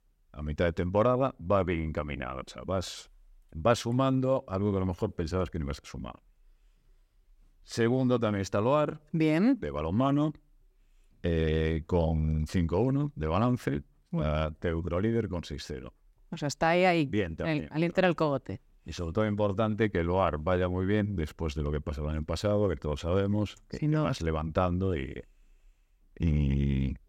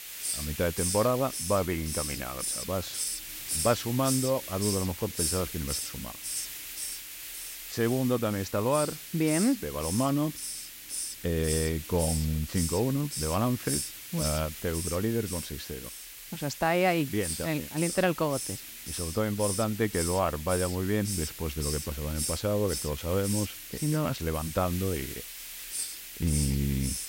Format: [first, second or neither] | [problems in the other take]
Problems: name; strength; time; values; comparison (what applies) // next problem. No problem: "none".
first | hiss; loud; throughout; 4 dB below the speech